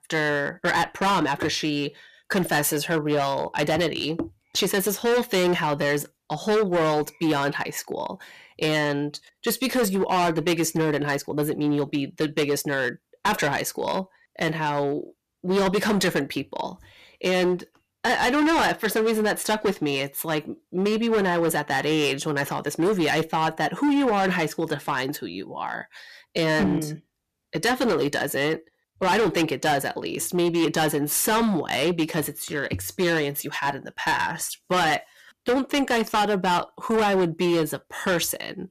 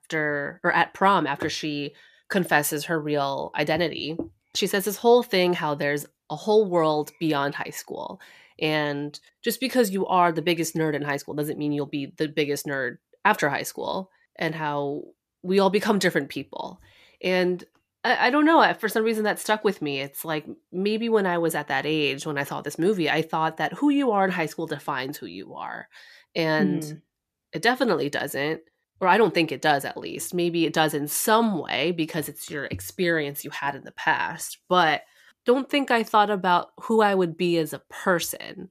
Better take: second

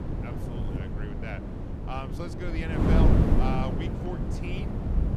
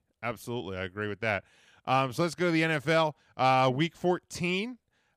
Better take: second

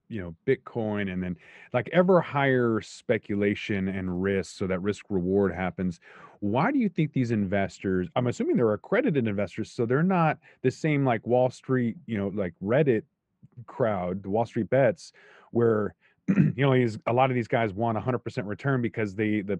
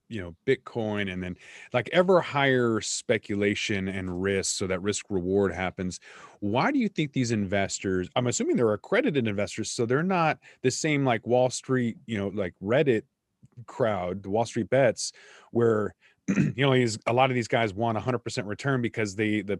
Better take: second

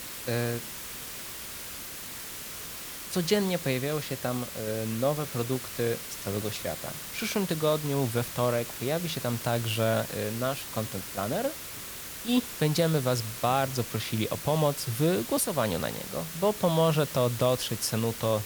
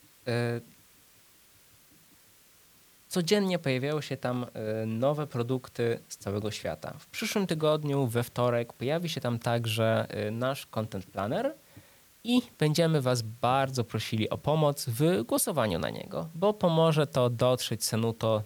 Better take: second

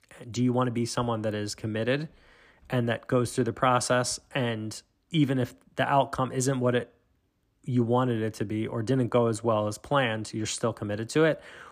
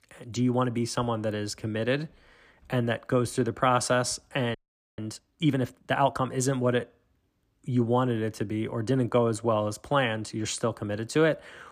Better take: first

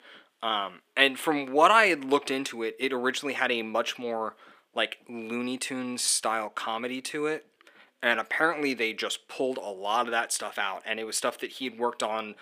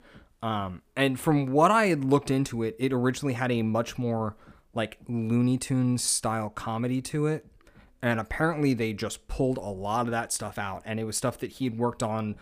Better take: second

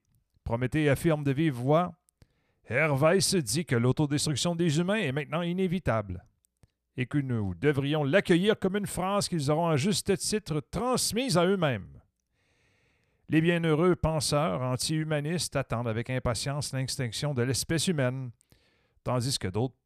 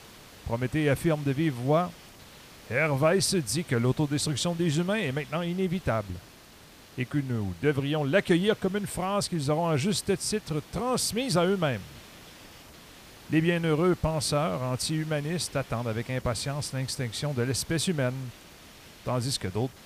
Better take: first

